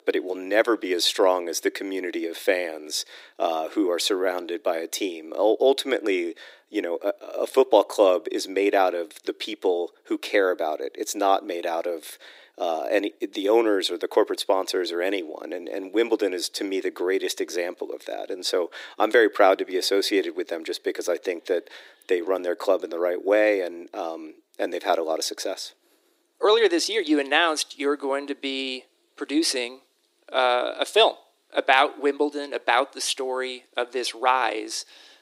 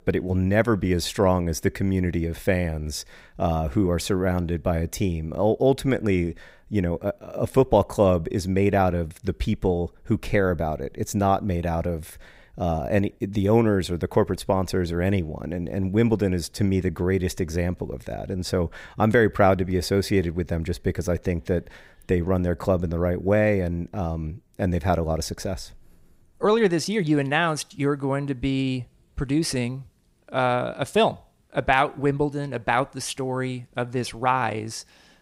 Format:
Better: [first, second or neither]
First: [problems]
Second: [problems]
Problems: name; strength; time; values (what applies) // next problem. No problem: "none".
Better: second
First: thin; somewhat; fading below 300 Hz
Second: none